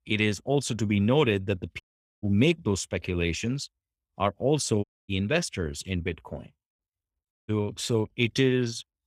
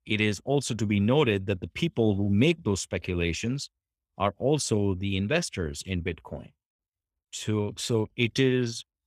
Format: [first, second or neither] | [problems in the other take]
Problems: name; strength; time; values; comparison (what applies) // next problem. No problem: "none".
second | audio cutting out; at 2 s, at 5 s and at 7.5 s